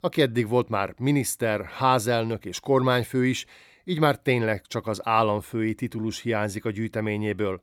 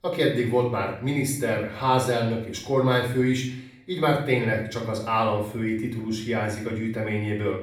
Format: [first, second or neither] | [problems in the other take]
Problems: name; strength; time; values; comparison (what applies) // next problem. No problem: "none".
first | off-mic speech; far // room echo; slight; dies away in 0.6 s